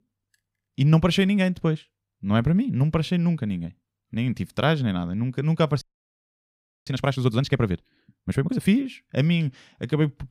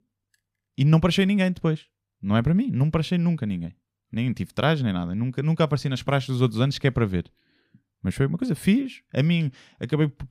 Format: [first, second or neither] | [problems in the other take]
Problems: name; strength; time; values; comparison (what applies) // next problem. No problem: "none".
second | audio freezing; at 6 s for 1 s